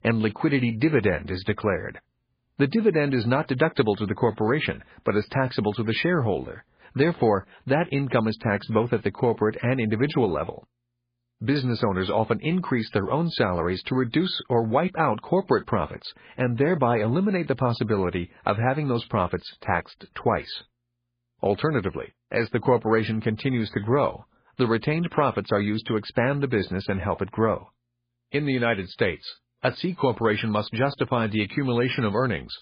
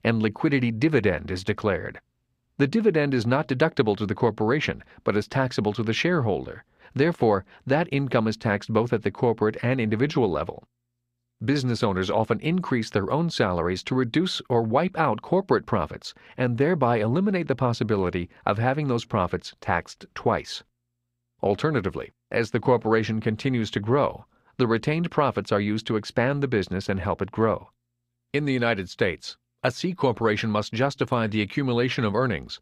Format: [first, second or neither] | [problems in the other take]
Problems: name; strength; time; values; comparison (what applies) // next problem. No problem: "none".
second | garbled, watery; badly; nothing above 4.5 kHz